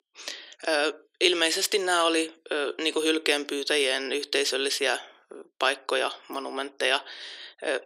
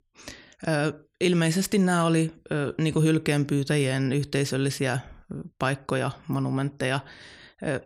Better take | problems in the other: second | thin; very; fading below 350 Hz

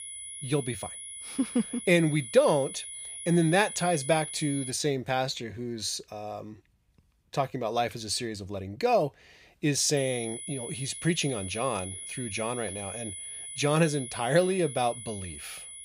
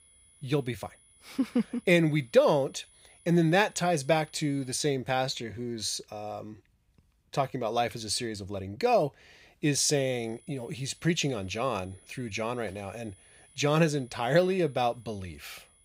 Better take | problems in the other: second | high-pitched whine; loud; until 4.5 s and from 10 s on; 10.5 kHz, 9 dB below the speech; faint in the second

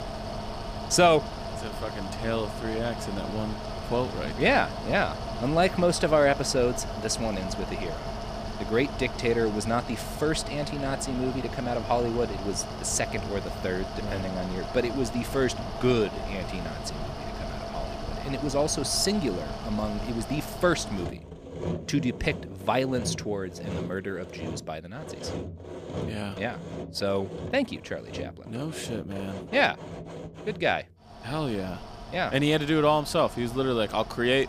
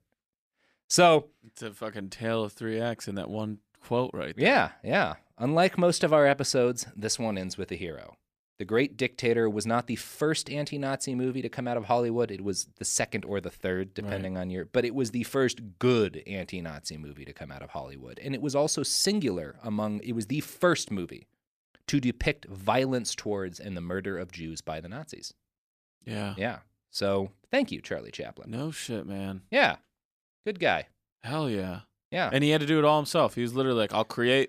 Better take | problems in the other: second | machinery noise; loud; throughout; 8 dB below the speech

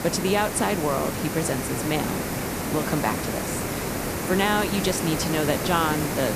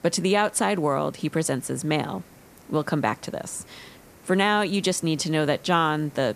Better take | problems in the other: second | hiss; loud; throughout; 2 dB below the speech; faint in the second

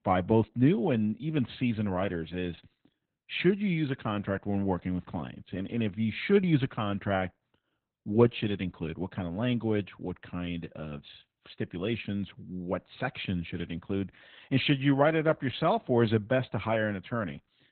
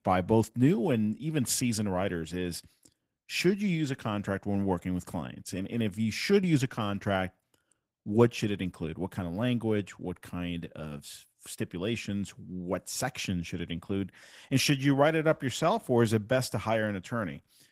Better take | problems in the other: second | garbled, watery; badly; nothing above 4 kHz; slightly in the second

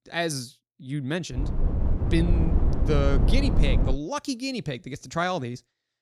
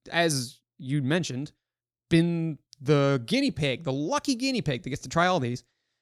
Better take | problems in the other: second | low rumble; loud; from 1.5 to 4 s; 6 dB below the speech

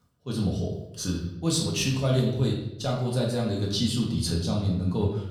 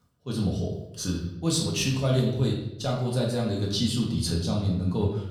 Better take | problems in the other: neither | room echo; noticeable; dies away in 0.7 s; the same in both // off-mic speech; far; the same in both

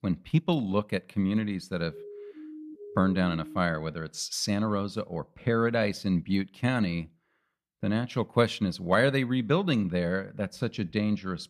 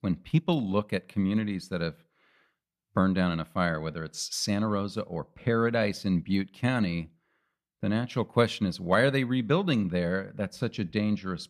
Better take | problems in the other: second | siren; faint; from 2 to 3.5 s; peak 15 dB below the speech

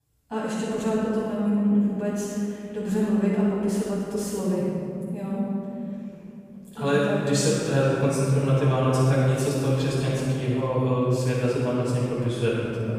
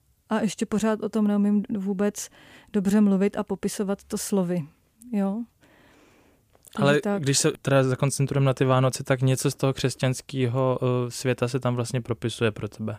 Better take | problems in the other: second | room echo; strong; dies away in 2.7 s // off-mic speech; far

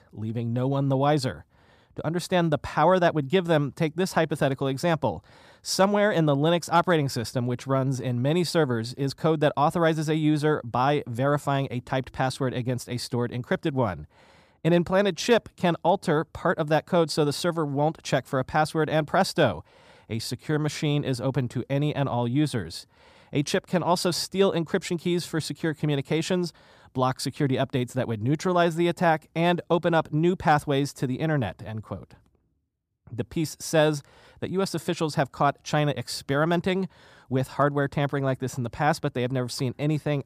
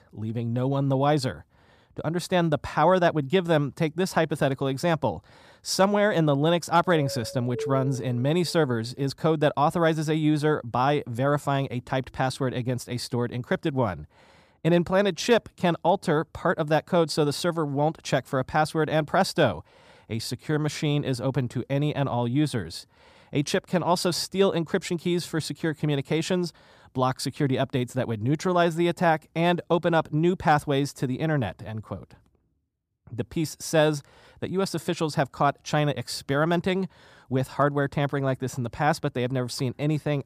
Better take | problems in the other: first | doorbell; noticeable; from 7 to 8.5 s; peak 8 dB below the speech

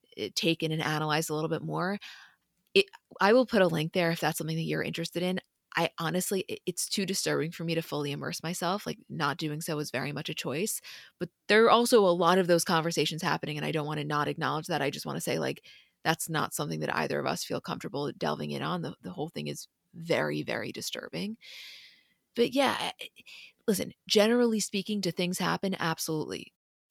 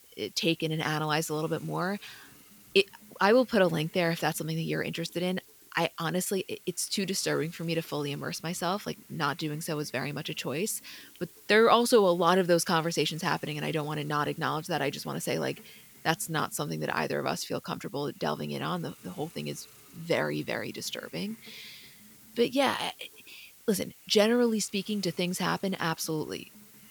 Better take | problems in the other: first | hiss; faint; throughout; 20 dB below the speech

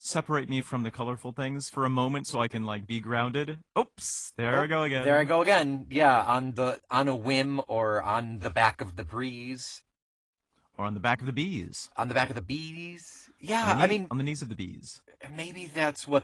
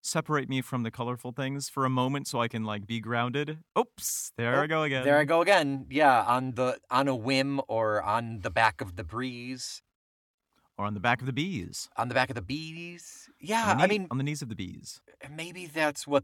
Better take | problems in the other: second | garbled, watery; slightly; nothing above 10 kHz

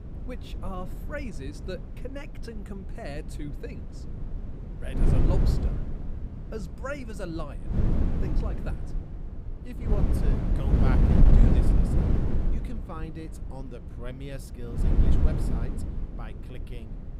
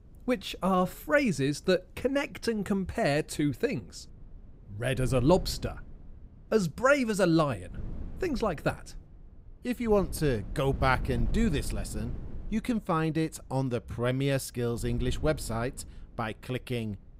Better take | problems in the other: second | wind noise on the microphone; heavy; 3 dB above the speech; occasional gusts in the second

